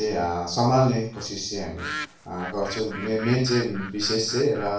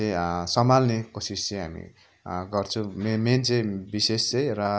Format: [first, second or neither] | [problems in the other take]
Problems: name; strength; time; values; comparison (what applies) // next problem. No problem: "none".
second | background sound (Bird); 13 dB below the speech // room echo; dies away in 0.4 s